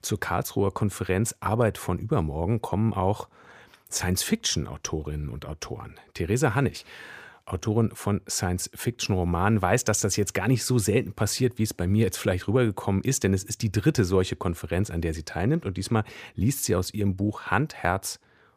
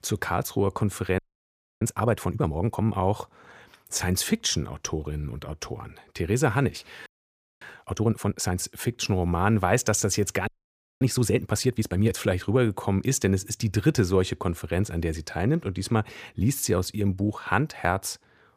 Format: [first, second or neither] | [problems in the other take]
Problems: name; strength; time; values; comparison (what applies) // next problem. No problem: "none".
first | audio freezing; at 1 s for 0.5 s, at 7 s for 0.5 s and at 10 s for 0.5 s